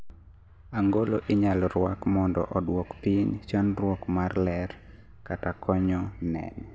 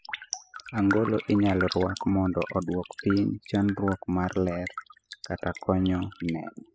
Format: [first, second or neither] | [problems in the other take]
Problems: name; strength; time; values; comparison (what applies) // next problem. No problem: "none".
first | noise reduction (classical method spectral subtraction)